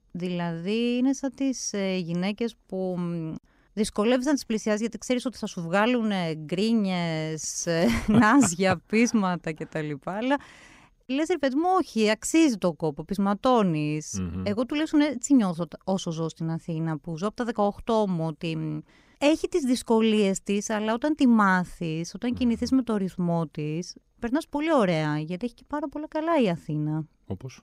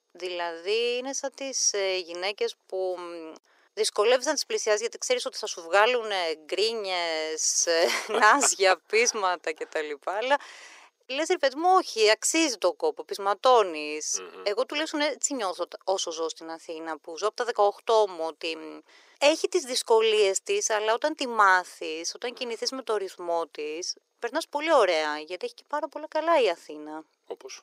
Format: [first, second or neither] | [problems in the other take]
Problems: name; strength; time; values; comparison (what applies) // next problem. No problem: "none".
first | thin; very; fading below 400 Hz